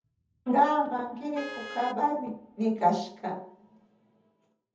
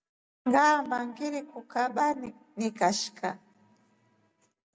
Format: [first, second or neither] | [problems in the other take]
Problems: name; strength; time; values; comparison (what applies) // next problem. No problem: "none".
second | background sound (Vehicle horn, car horn, honking); 18 dB below the speech // room echo; dies away in 0.7 s